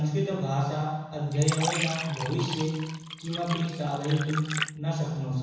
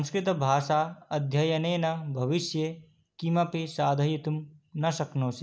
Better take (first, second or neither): second